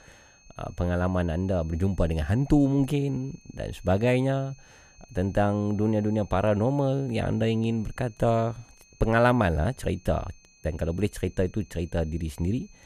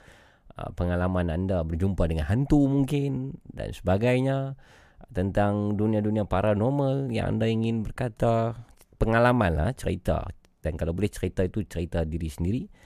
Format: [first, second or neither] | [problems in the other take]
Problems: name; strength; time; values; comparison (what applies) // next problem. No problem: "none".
second | high-pitched whine; faint; throughout; 2.5 kHz, 30 dB below the speech